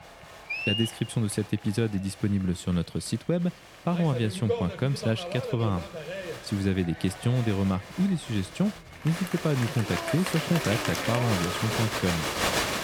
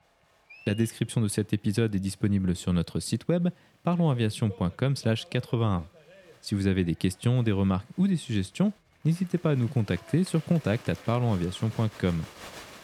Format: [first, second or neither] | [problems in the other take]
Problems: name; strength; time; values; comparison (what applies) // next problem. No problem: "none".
second | crowd noise; loud; throughout; 4 dB below the speech; faint in the second